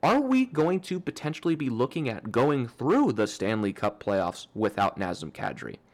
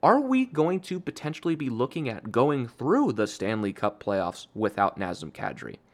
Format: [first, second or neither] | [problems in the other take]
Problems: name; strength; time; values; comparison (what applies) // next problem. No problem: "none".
second | distortion; slight; 3% of the sound clipped